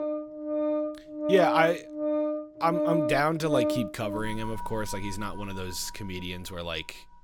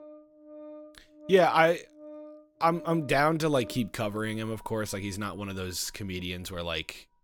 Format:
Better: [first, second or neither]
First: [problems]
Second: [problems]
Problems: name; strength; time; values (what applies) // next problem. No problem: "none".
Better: second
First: background music; loud; throughout; 2 dB below the speech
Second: background music; faint; throughout; 20 dB below the speech